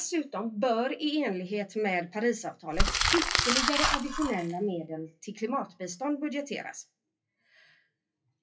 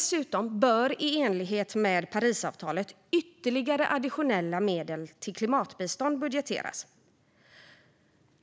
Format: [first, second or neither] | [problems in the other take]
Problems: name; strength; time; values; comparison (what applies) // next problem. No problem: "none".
second | noise reduction (classical method WPE with log-MMSE)